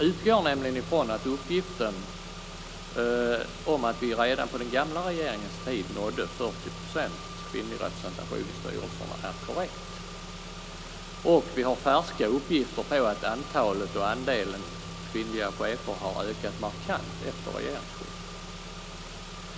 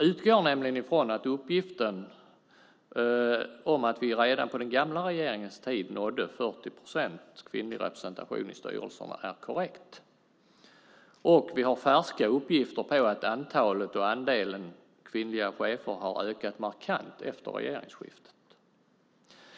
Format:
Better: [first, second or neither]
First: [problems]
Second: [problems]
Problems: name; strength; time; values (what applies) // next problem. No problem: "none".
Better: second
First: background sound (Engine / Car); 9 dB below the speech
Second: none